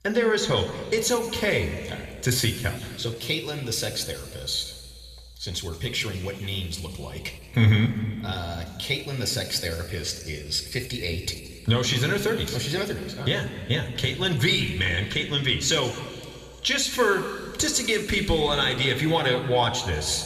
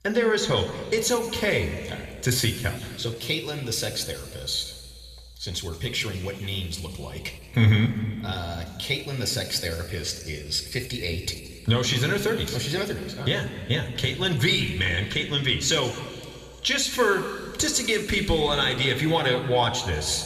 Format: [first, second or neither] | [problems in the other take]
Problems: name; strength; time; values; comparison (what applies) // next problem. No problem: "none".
neither | room echo; noticeable; dies away in 2.3 s; the same in both // off-mic speech; somewhat distant; the same in both